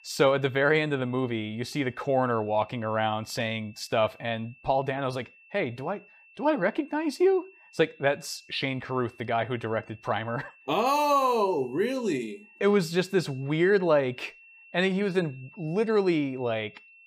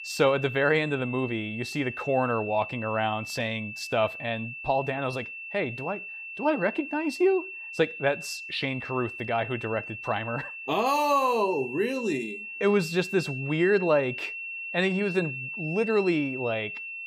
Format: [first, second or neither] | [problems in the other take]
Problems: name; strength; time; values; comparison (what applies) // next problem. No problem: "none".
first | high-pitched whine; loud; throughout; 2.5 kHz, 8 dB below the speech; faint in the first